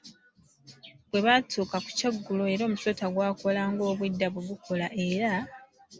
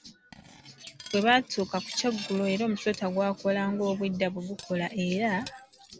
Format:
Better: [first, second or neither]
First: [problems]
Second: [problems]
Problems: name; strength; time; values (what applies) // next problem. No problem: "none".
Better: first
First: none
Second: background sound (Cutlery, silverware); 19 dB below the speech